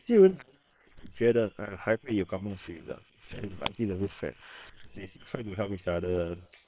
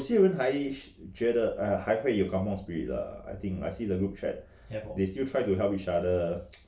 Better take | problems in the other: second | noise reduction (neural separator model SepFormer WHAM!)

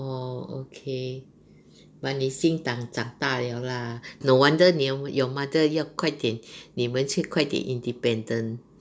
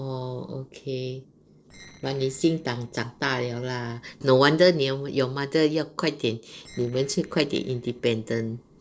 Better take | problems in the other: first | noise reduction (neural separator model SepFormer DNS4)

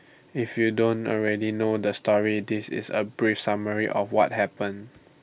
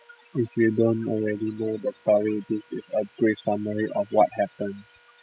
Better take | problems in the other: first | noise reduction (classical method spectral subtraction)

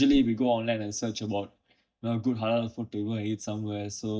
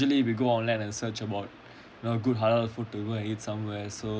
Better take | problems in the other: second | noise reduction (neural mask model DeepFilterNet 3)

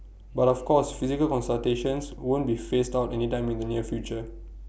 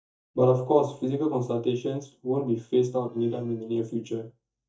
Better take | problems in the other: first | noise reduction (neural mask model DeepFilterNet 3)

